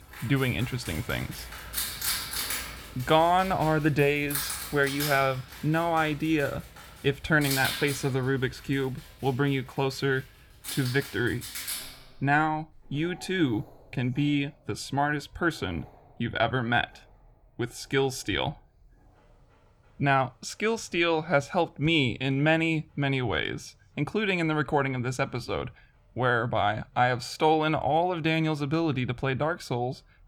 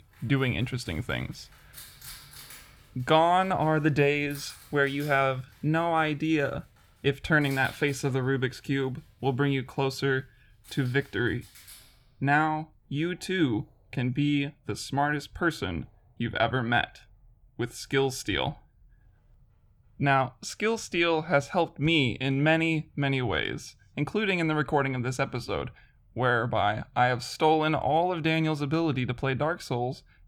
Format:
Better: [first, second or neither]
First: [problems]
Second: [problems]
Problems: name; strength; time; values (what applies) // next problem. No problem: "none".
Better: second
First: animal sounds; loud; throughout; 8 dB below the speech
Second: animal sounds; faint; throughout; 25 dB below the speech